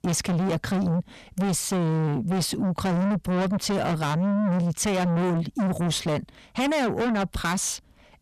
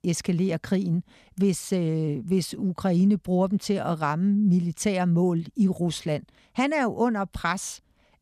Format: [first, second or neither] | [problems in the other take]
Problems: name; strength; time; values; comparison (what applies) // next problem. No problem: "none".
second | distortion; heavy; 6 dB below the speech